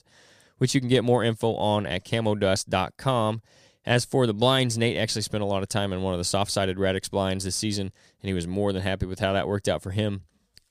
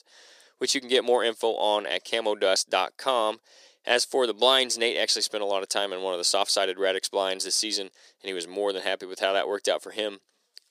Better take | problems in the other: first | thin; very; fading below 350 Hz

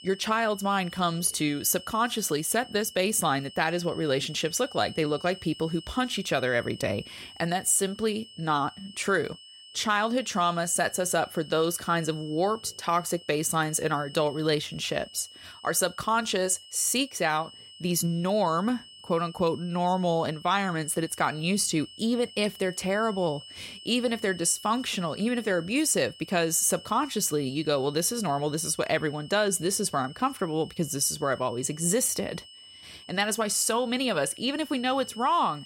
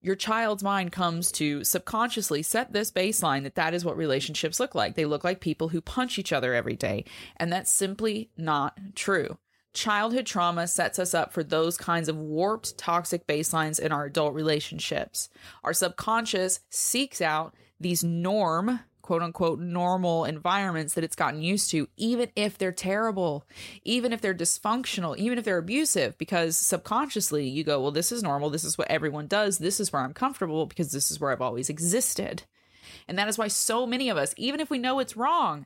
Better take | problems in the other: second | high-pitched whine; noticeable; throughout; 3 kHz, 20 dB below the speech

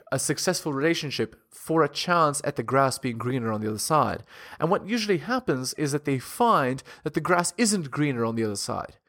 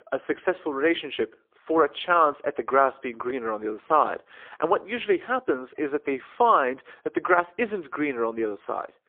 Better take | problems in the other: first | phone-call audio; poor line; nothing above 3.5 kHz

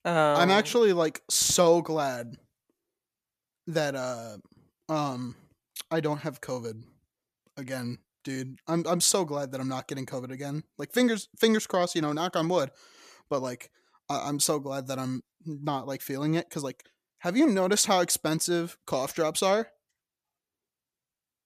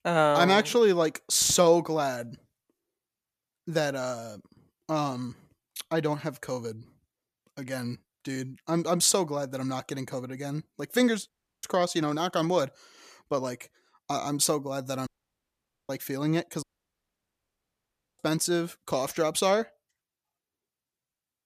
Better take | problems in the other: first | audio cutting out; at 11 s, at 15 s for 1 s and at 17 s for 1.5 s

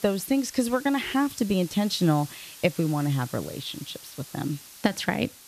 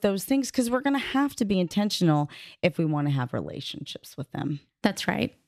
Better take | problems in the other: second | hiss; noticeable; throughout; 15 dB below the speech

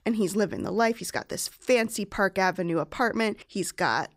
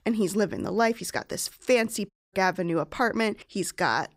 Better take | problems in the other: first | audio cutting out; at 2 s

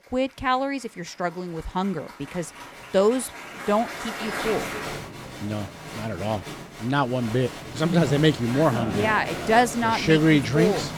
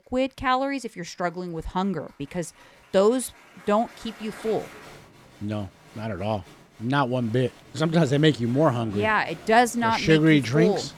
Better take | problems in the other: second | crowd noise; loud; throughout; 9 dB below the speech; faint in the second

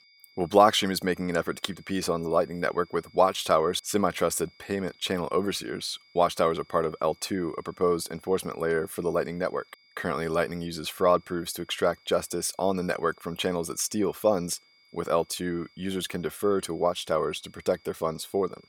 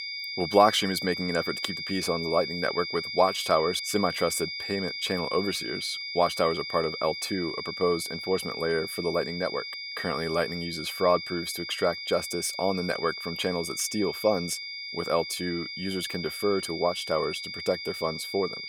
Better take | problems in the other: first | high-pitched whine; loud; throughout; 2 kHz, 5 dB below the speech; faint in the first

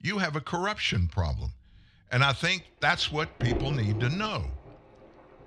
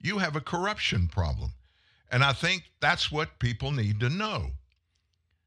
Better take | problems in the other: second | rain or running water; loud; throughout; 10 dB below the speech

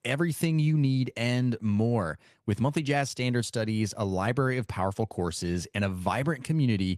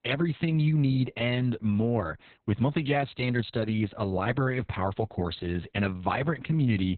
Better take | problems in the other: first | garbled, watery; badly; nothing above 4 kHz; slightly in the first

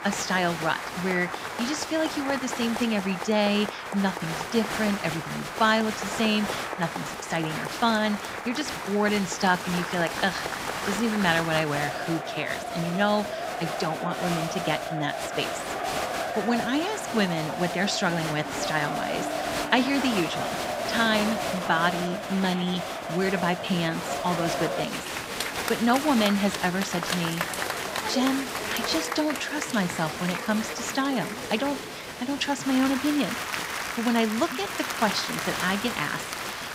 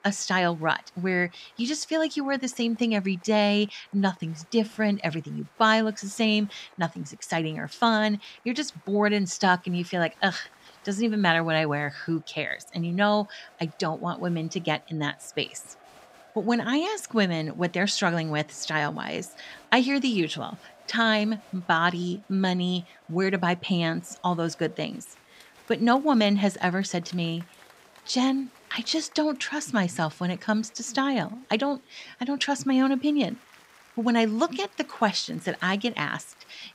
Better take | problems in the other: second | crowd noise; loud; throughout; 4 dB below the speech; faint in the second

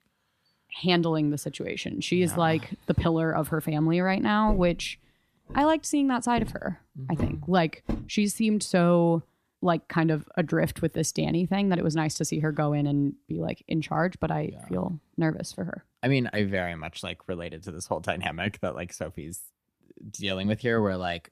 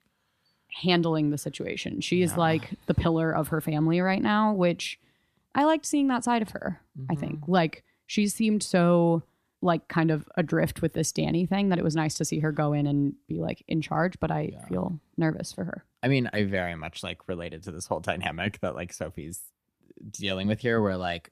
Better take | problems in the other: second | footsteps; noticeable; from 4.5 to 8 s; peak 7 dB below the speech

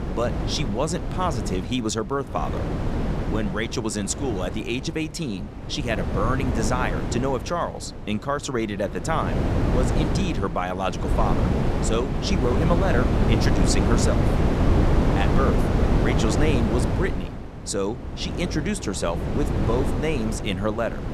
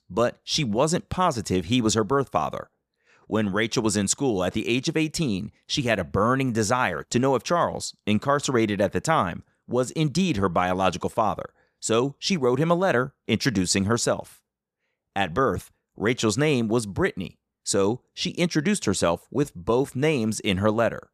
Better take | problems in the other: second | wind noise on the microphone; heavy; 2 dB below the speech

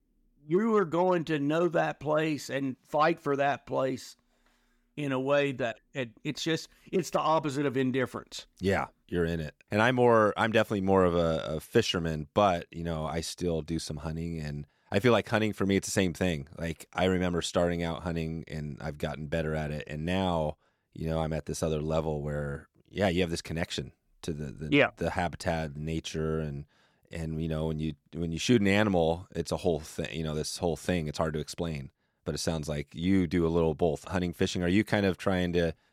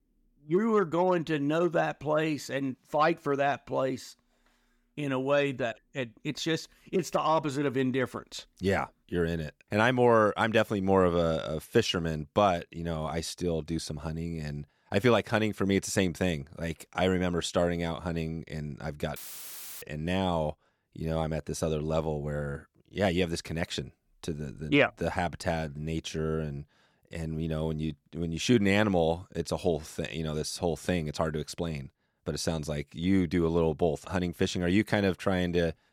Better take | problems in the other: first | audio cutting out; filled with static; at 19 s for 0.5 s

